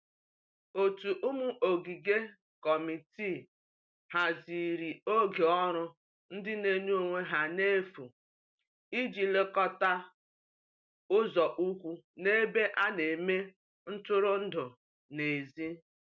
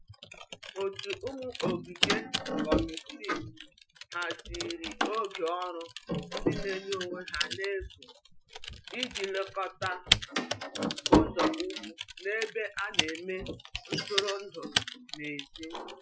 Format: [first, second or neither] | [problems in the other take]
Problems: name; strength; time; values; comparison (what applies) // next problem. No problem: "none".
first | noise reduction (classical method Wiener filter)